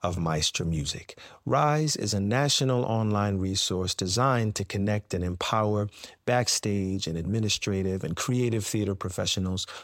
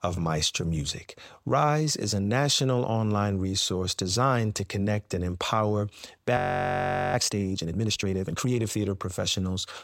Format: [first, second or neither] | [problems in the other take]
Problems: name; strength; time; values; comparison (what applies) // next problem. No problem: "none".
first | audio freezing; at 6.5 s for 1 s